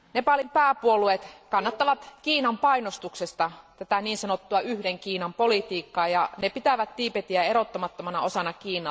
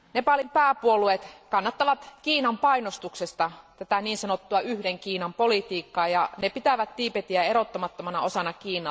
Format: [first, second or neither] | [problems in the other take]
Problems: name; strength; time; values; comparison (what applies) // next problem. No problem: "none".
second | background sound (Bowed string instrument); 20 dB below the speech